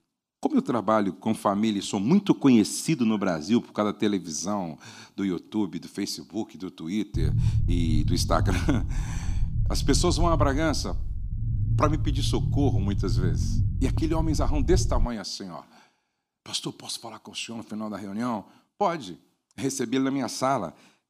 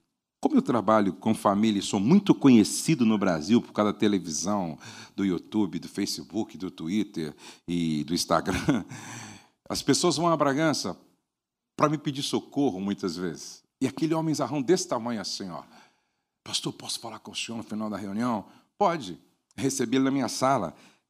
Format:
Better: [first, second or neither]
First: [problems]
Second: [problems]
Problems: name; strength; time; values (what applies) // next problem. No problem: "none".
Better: second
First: low rumble; noticeable; from 7 to 15 s; 15 dB below the speech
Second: none